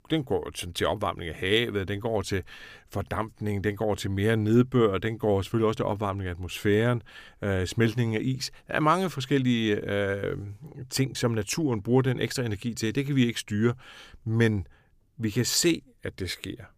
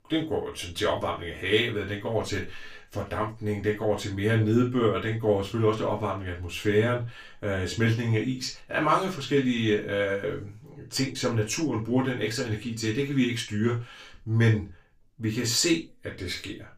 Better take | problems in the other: first | room echo; slight; dies away in 0.2 s // off-mic speech; far

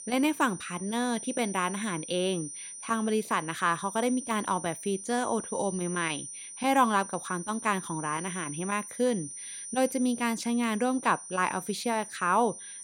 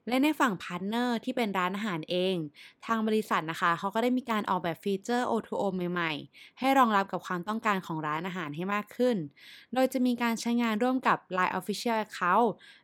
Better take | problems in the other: second | high-pitched whine; loud; throughout; 9 kHz, 10 dB below the speech

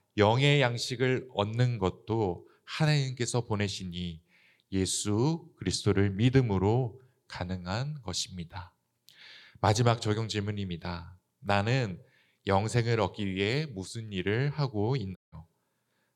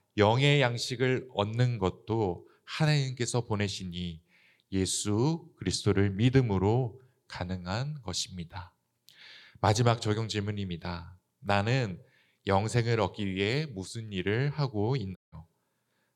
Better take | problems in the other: neither | audio cutting out; at 15 s; the same in both

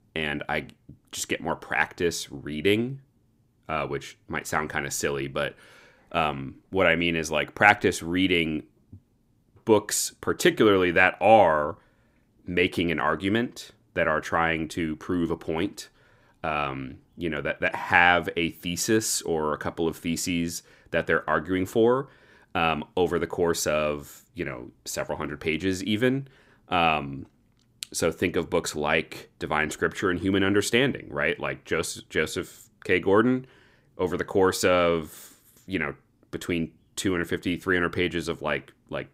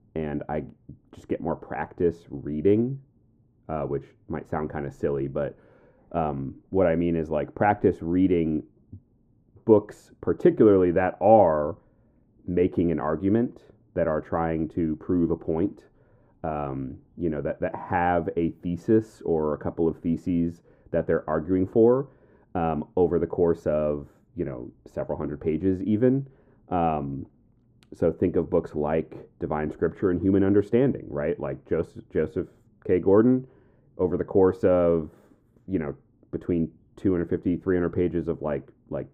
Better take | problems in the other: first | muffled; very; fading above 1.5 kHz

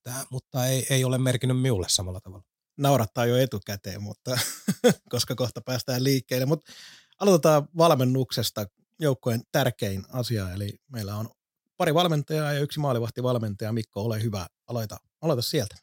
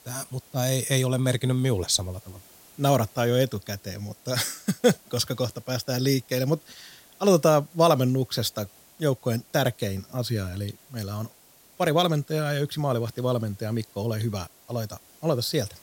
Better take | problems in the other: first | hiss; faint; throughout; 25 dB below the speech

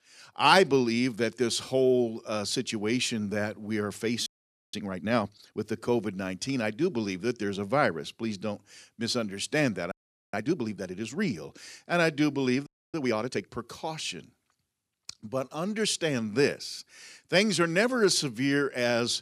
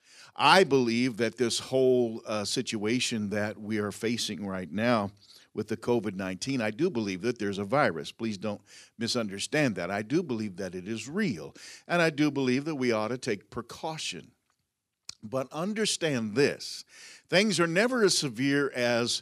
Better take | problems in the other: second | audio freezing; at 4.5 s, at 10 s and at 13 s

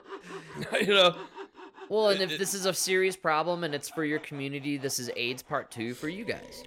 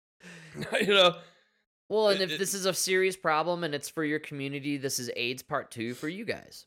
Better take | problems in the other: second | machinery noise; faint; throughout; 20 dB below the speech

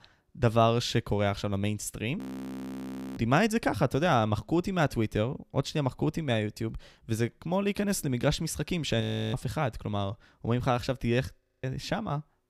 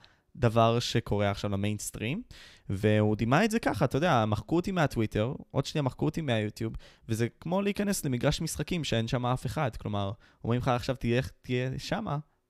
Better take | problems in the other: second | audio freezing; at 2 s for 1 s, at 9 s and at 11 s

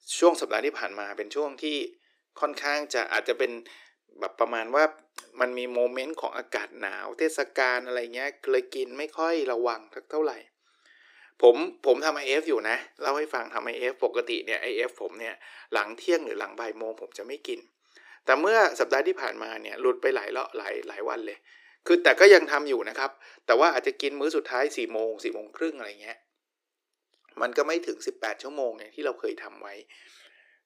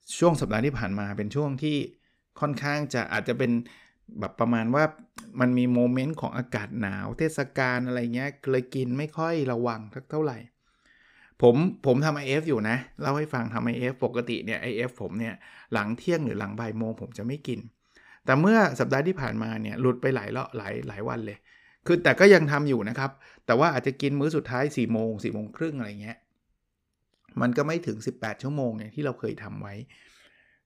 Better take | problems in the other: second | thin; very; fading below 350 Hz

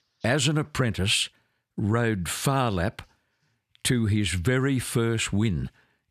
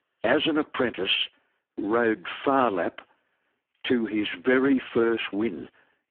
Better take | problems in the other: first | phone-call audio; poor line; nothing above 3.5 kHz

